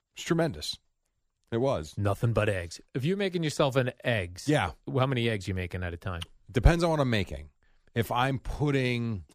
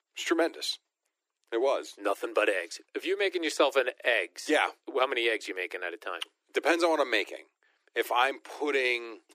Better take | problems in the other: first | thin; very; fading below 300 Hz

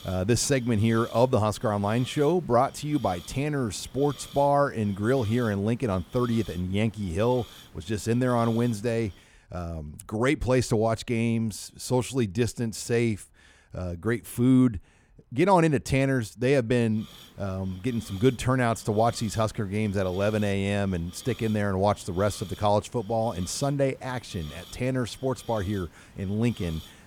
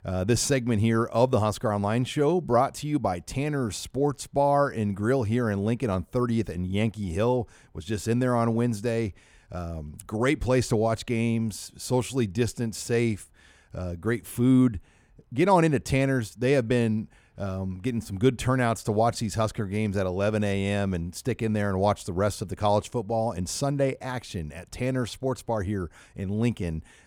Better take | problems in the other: second | hiss; faint; until 9.5 s and from 17 s on; 20 dB below the speech

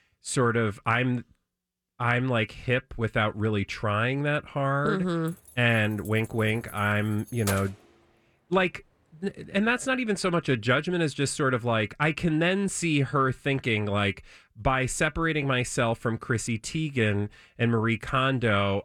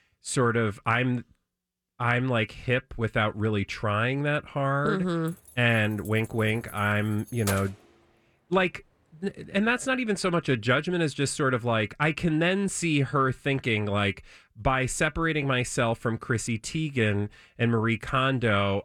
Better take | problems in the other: neither | jangling keys; noticeable; from 5.5 to 7.5 s; peak 7 dB below the speech; the same in both

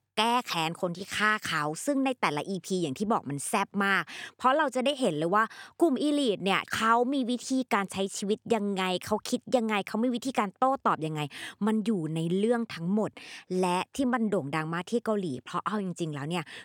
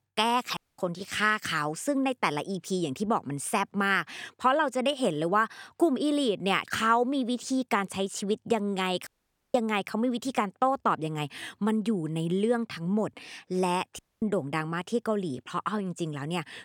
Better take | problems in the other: first | audio cutting out; at 0.5 s, at 9 s and at 14 s

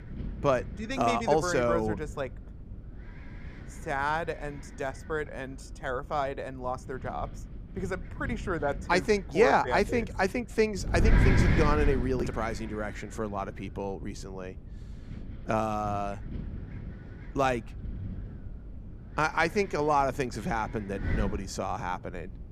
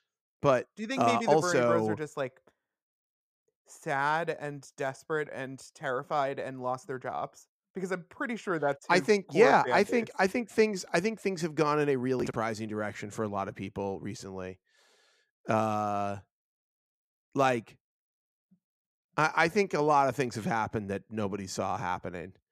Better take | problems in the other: second | wind noise on the microphone; occasional gusts; 10 dB below the speech

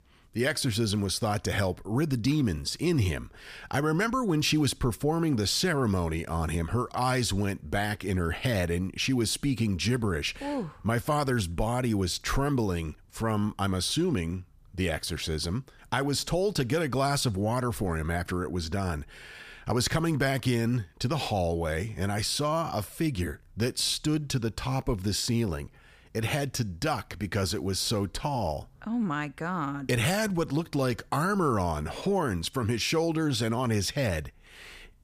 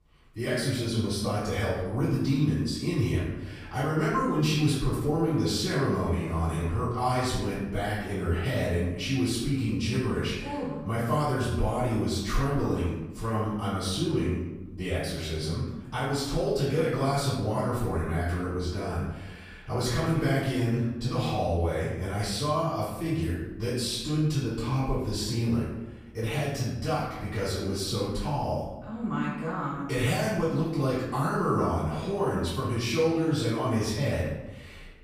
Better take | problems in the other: first | off-mic speech; far // room echo; noticeable; dies away in 0.9 s

